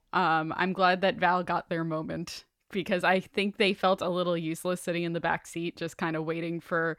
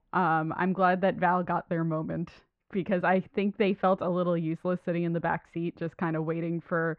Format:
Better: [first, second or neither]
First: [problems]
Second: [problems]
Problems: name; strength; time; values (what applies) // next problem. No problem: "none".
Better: first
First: none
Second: muffled; very; fading above 1.5 kHz